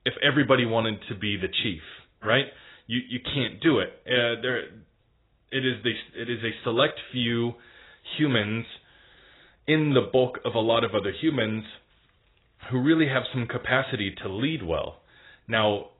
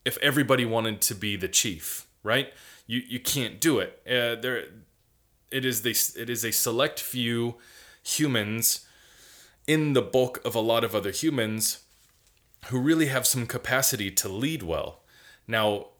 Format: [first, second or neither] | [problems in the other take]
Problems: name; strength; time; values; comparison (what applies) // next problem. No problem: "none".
second | garbled, watery; badly; nothing above 4 kHz